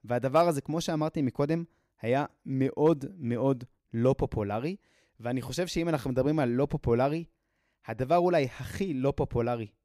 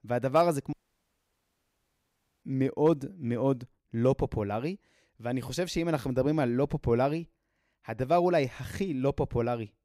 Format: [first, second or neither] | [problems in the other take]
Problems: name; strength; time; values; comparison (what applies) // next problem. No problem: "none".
first | audio cutting out; at 0.5 s for 1.5 s